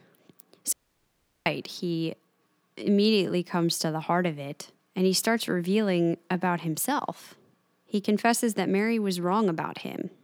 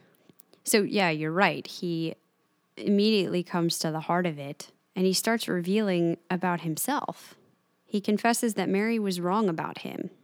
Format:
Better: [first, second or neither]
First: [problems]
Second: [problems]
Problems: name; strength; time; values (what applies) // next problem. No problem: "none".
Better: second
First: audio cutting out; at 0.5 s for 0.5 s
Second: none